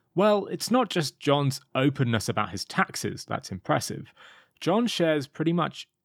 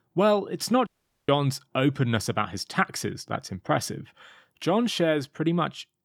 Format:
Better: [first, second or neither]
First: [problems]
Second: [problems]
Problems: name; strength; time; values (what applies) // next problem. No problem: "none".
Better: first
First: none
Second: audio cutting out; at 1 s